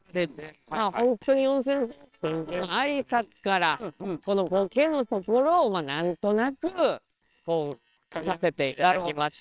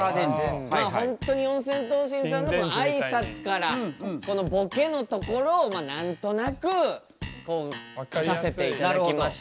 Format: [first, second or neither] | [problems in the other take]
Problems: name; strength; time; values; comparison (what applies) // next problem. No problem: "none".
second | noise reduction (neural separator model SepFormer WHAMR!)